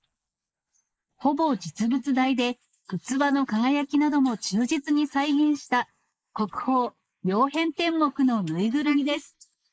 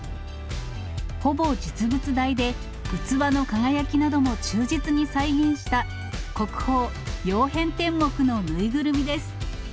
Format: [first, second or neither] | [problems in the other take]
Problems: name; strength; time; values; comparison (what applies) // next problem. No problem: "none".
second | noise reduction (neural mask model Resemble Enhance denoiser)